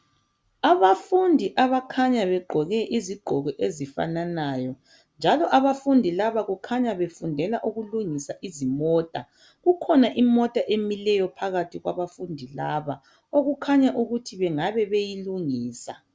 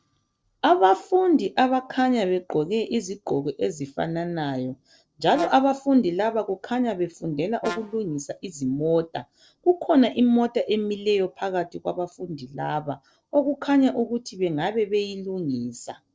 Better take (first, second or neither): first